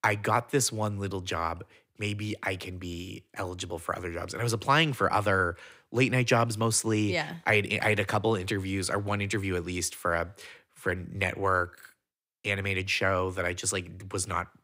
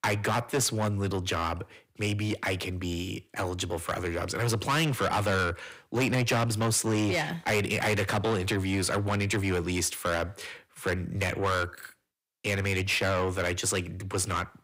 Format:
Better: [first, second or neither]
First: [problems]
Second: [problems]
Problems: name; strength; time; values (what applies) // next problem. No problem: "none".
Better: first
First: none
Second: distortion; heavy; 7 dB below the speech